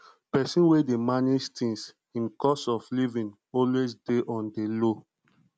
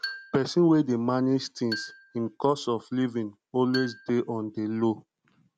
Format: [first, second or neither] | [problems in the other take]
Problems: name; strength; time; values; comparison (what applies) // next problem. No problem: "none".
first | background sound (Marimba, xylophone); 16 dB below the speech